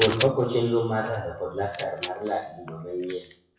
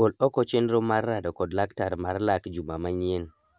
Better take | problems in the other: second | noise reduction (classical method WPE with log-MMSE)

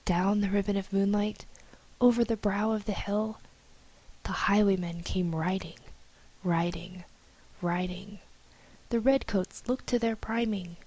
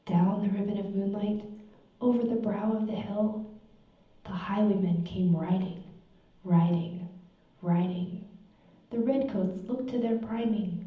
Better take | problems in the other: first | room echo; dies away in 0.8 s

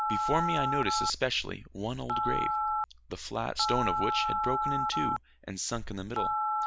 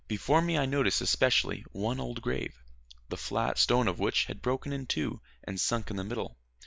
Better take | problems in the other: second | background sound (Telephone); 2 dB above the speech

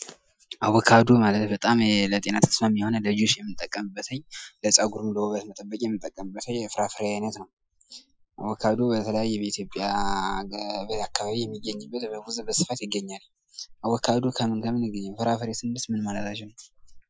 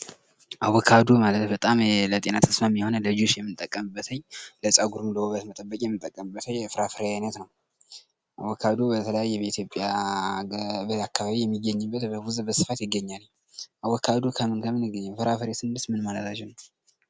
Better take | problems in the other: second | noise reduction (classical method Wiener filter)

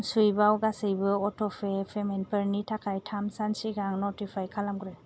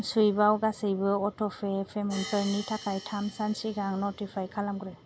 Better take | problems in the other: first | background sound (Hi-hat); 18 dB below the speech

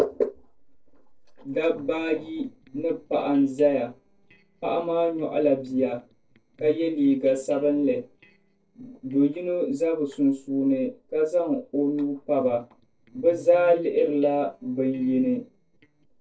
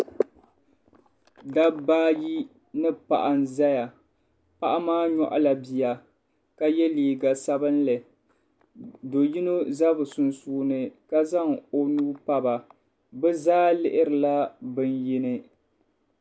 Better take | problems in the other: second | noise reduction (neural separator model SepFormer DNS4)

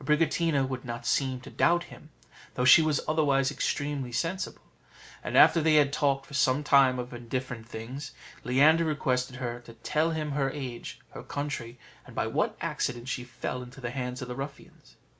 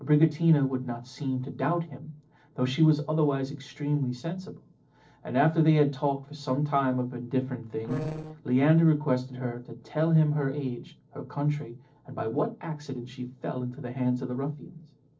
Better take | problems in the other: first | noise reduction (neural separator model SepFormer DNS4)

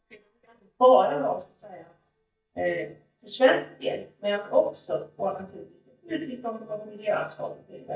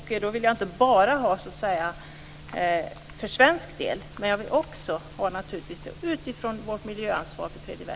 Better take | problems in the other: second | noise reduction (neural mask model DeepFilterNet 3)

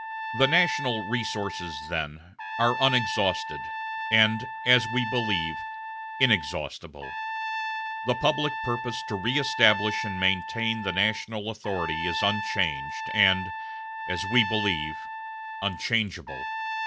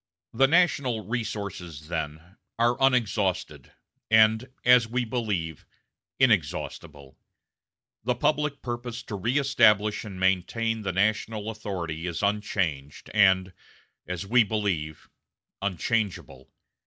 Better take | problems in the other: second | background sound (Trumpet); 5 dB below the speech

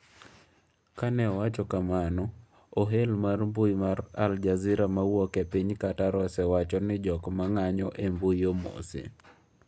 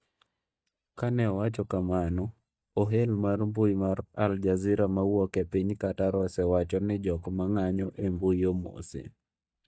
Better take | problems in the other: first | noise reduction (neural mask model DeepFilterNet 3)

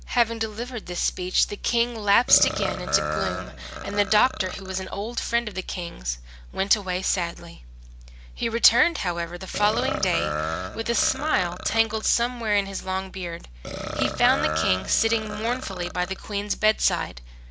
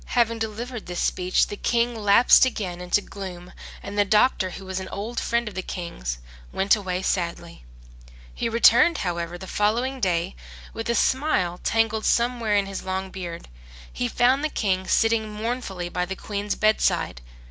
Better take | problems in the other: second | background sound (Burping, eructation); 6 dB below the speech

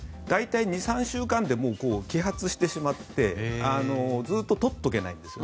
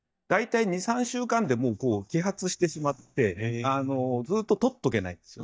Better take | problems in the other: first | noise reduction (neural mask model DeepFilterNet 3)

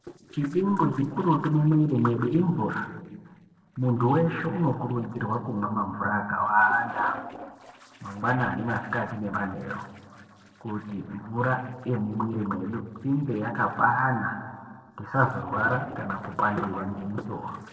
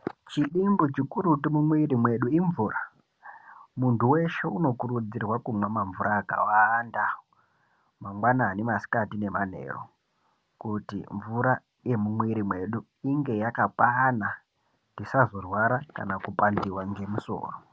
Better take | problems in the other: second | noise reduction (neural separator model SepFormer DNS4)

